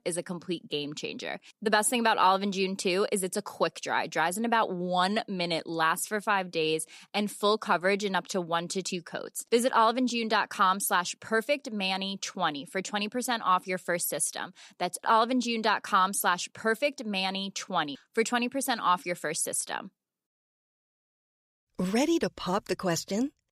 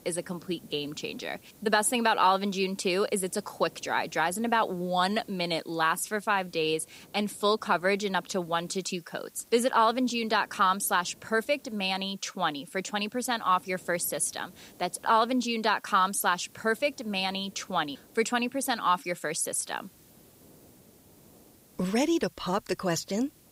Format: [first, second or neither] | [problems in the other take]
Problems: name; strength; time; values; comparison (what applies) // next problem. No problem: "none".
first | hiss; faint; throughout; 25 dB below the speech